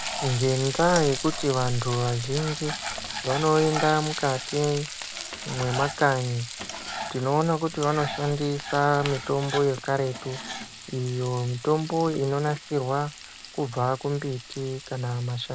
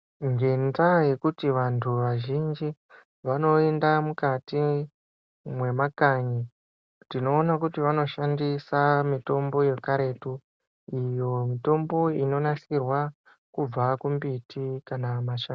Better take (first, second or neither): second